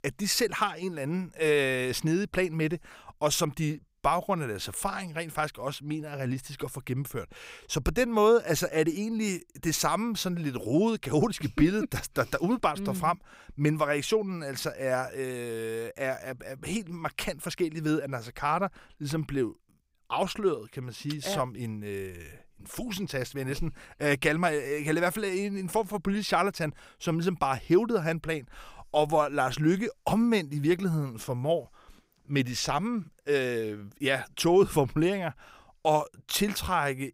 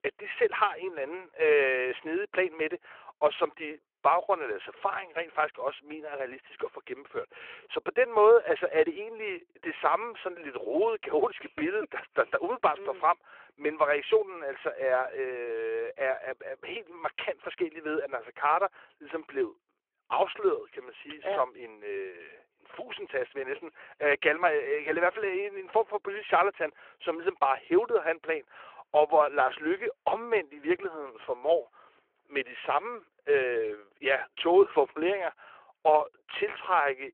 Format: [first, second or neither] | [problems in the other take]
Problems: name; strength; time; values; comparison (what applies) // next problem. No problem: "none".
first | phone-call audio